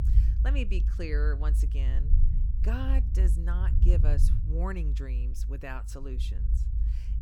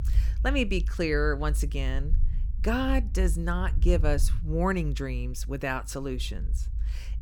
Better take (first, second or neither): second